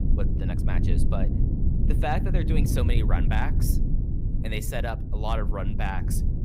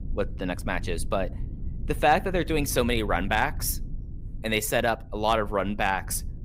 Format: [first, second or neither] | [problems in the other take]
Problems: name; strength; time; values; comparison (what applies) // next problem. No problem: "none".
second | low rumble; loud; throughout; 6 dB below the speech; faint in the second